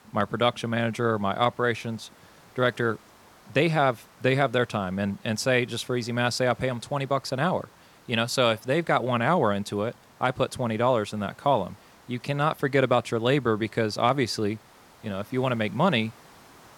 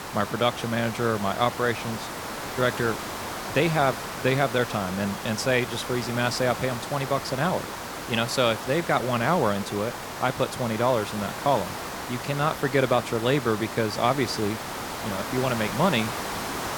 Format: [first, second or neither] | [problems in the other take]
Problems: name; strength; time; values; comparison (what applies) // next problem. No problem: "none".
first | hiss; loud; throughout; 7 dB below the speech; faint in the first